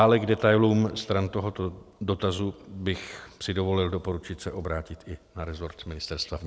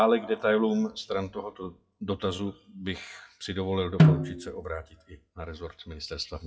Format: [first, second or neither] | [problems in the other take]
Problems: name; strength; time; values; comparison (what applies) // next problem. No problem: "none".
first | noise reduction (classical method WPE with log-MMSE)